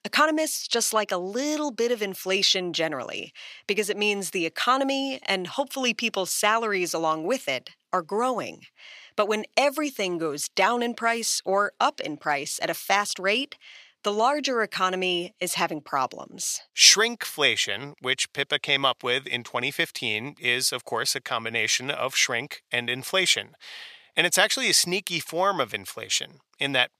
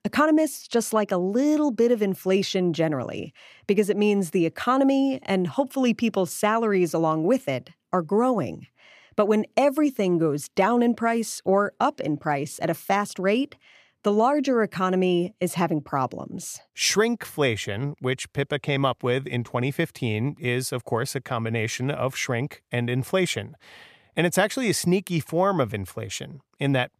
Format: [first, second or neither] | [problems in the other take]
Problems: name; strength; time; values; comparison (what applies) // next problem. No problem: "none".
second | thin; somewhat; fading below 950 Hz